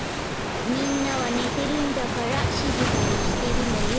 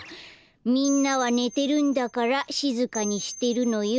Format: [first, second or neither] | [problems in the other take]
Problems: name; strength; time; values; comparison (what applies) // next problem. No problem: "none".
second | background sound (Waves, surf); 3 dB above the speech